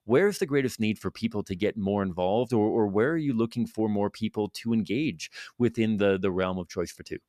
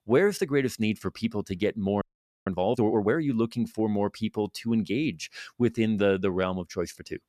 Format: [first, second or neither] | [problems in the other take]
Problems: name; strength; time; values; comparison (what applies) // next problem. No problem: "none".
first | audio freezing; at 2 s